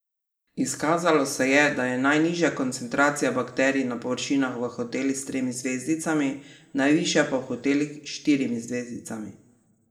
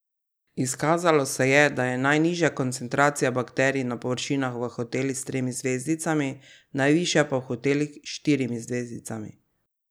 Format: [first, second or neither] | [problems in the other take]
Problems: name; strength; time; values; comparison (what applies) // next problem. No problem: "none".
second | room echo; dies away in 0.6 s